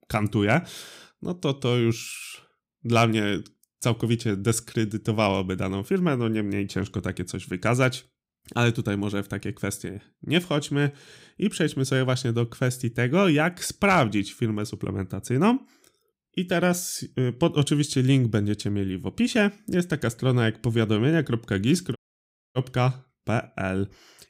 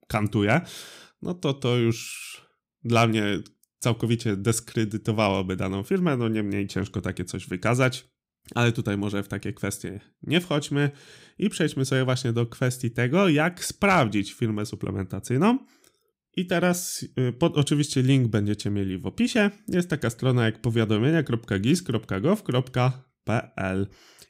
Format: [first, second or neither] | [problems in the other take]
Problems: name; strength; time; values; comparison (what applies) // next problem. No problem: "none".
second | audio cutting out; at 22 s for 0.5 s